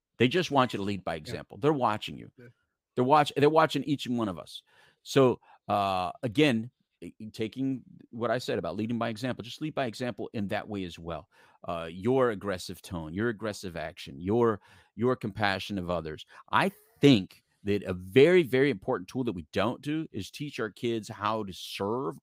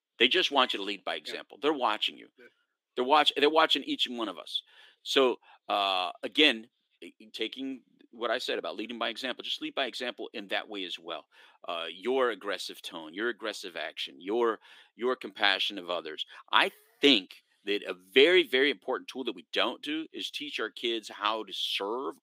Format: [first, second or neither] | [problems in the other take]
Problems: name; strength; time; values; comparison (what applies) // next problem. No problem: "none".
first | thin; very slightly; fading below 300 Hz